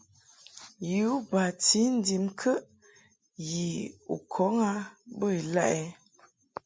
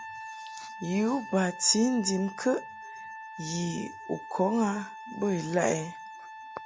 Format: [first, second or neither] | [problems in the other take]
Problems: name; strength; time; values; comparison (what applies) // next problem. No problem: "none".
first | background sound (Trumpet); 13 dB below the speech